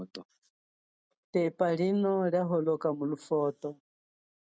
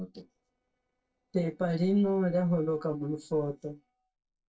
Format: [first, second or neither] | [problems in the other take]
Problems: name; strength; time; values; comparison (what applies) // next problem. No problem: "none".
first | noise reduction (neural separator model SepFormer DNS4)